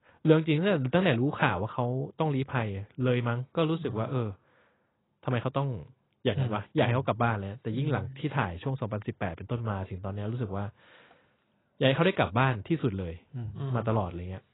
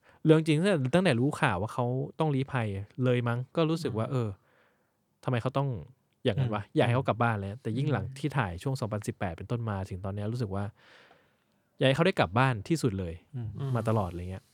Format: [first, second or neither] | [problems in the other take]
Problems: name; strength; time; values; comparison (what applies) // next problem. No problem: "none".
second | garbled, watery; badly; nothing above 4 kHz